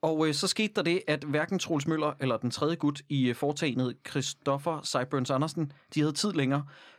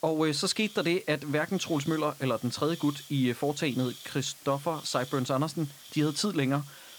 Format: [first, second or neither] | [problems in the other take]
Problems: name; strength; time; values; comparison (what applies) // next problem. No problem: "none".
first | hiss; noticeable; throughout; 15 dB below the speech